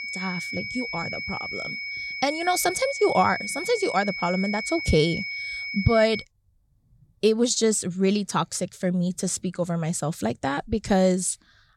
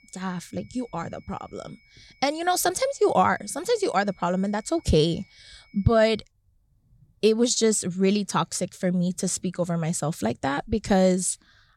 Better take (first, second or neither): second